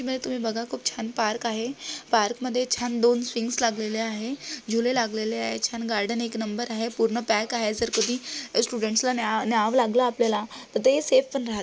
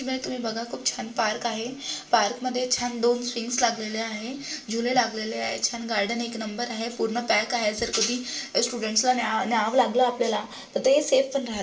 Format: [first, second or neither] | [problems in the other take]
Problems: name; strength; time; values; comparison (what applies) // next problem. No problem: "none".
first | room echo; dies away in 0.4 s